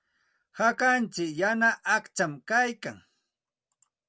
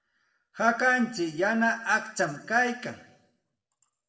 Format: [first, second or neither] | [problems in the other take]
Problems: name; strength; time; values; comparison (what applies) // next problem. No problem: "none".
first | room echo; dies away in 0.7 s